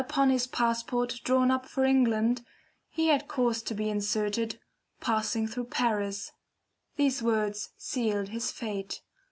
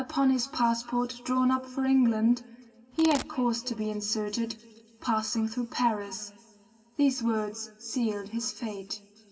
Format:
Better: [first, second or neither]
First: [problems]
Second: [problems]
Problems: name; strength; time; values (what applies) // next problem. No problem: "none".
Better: first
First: none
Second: background sound (Domestic sounds, home sounds); 9 dB below the speech // room echo; dies away in 2.5 s